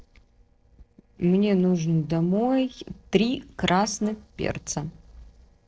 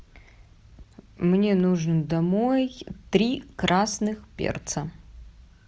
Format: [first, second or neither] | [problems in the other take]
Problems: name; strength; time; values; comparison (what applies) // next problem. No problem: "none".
second | noise reduction (neural separator model SepFormer DNS4)